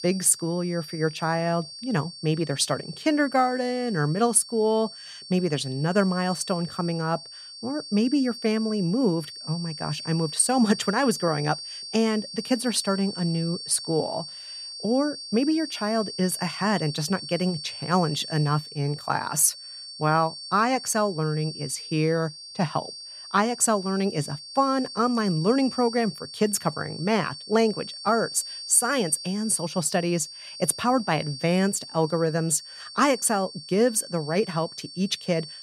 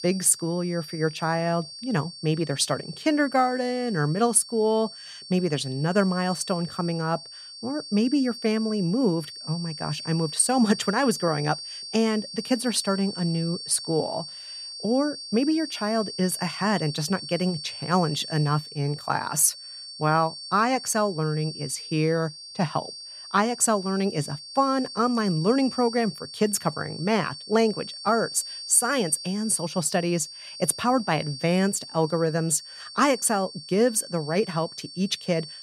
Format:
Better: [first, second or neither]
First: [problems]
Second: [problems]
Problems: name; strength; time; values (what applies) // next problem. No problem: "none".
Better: neither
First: high-pitched whine; noticeable; throughout; 4.5 kHz, 10 dB below the speech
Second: high-pitched whine; noticeable; throughout; 4.5 kHz, 10 dB below the speech